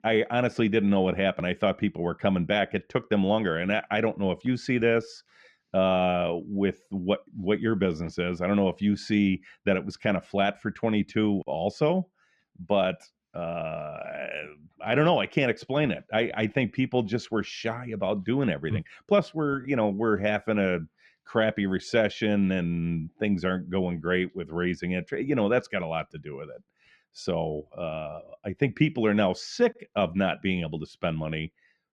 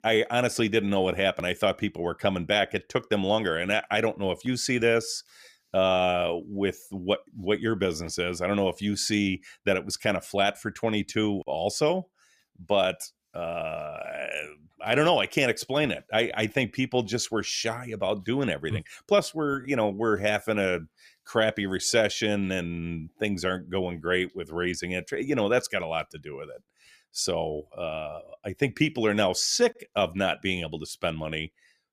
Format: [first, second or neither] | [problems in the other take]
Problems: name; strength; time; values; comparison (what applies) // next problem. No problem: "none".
second | muffled; slightly; fading above 3 kHz